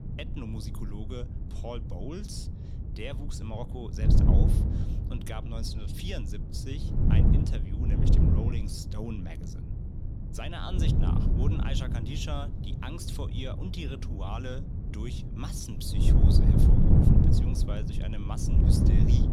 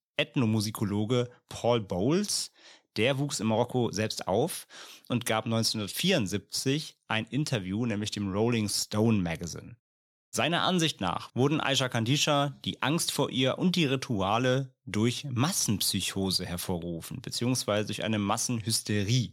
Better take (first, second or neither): second